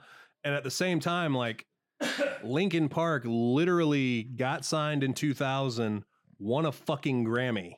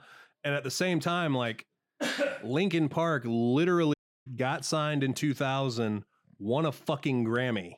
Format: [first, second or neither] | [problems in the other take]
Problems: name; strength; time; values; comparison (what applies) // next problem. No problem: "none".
first | audio cutting out; at 4 s